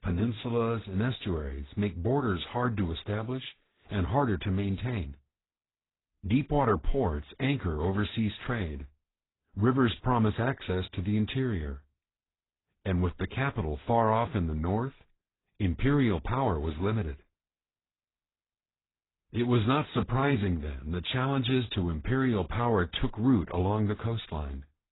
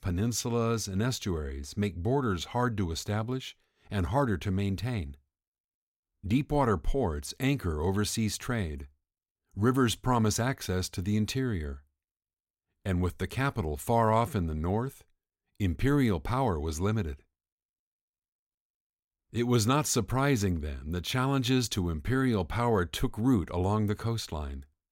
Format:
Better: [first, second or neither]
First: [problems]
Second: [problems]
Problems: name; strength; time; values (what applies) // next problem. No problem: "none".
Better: second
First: garbled, watery; badly; nothing above 4 kHz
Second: none